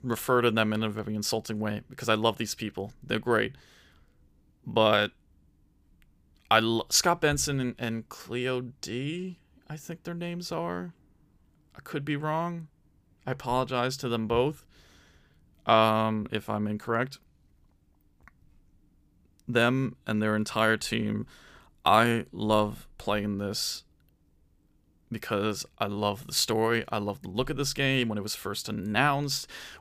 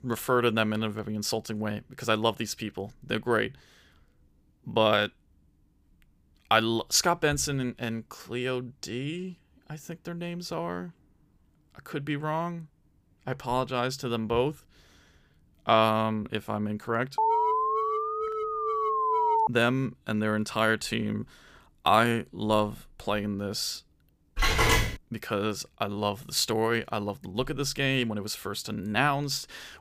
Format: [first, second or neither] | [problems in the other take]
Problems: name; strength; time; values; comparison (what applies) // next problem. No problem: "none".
first | alarm; loud; from 17 to 19 s; peak 4 dB above the speech // phone ringing; loud; at 24 s; peak 6 dB above the speech